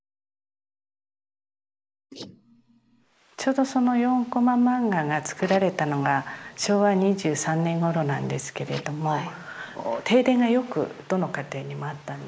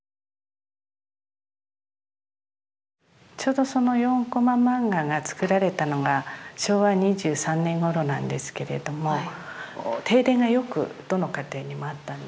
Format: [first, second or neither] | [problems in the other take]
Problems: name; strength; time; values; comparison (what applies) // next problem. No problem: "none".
second | noise reduction (neural mask model Resemble Enhance denoiser)